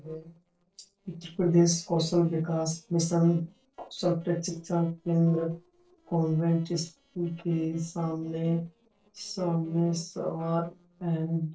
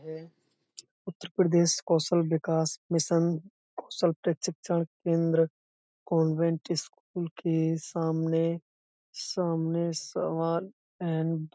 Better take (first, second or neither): second